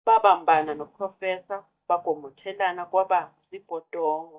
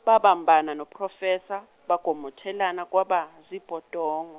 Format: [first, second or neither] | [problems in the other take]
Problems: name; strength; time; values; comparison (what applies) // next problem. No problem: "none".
second | noise reduction (neural mask model DeepFilterNet 3)